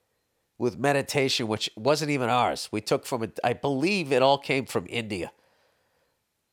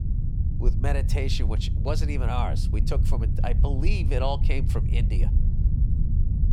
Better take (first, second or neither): first